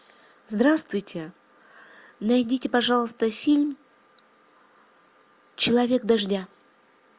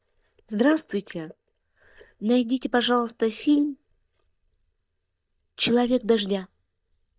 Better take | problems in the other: first | noise reduction (neural mask model DeepFilterNet 3)

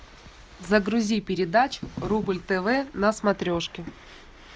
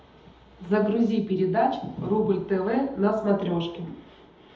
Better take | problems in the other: first | room echo; dies away in 0.7 s

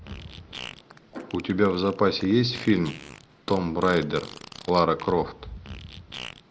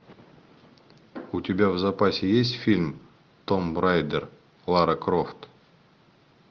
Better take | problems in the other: second | background sound (Fart); 16 dB below the speech

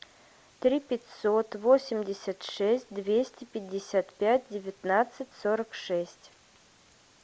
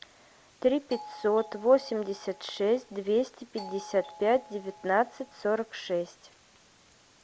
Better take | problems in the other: first | background sound (Doorbell); 18 dB below the speech

